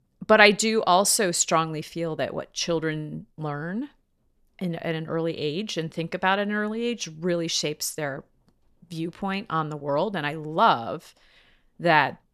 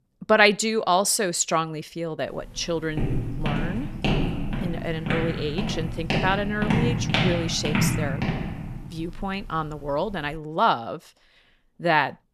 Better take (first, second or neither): first